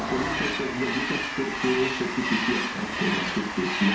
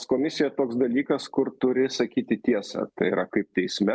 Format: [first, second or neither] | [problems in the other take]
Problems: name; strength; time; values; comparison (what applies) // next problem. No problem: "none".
second | background sound (Train); 1 dB below the speech // room echo; dies away in 0.6 s